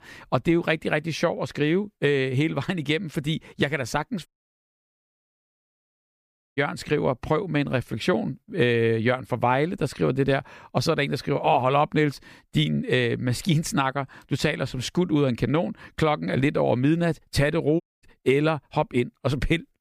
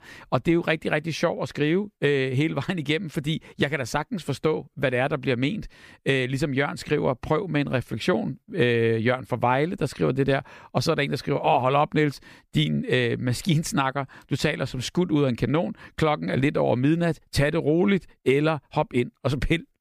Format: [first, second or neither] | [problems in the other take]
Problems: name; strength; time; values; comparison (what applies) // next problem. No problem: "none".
second | audio cutting out; at 4.5 s for 2.5 s and at 18 s